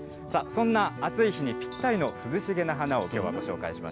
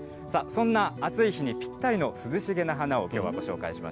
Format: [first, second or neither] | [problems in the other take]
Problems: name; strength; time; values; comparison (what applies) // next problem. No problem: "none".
second | background sound (Cutlery, silverware + Trumpet); 18 dB below the speech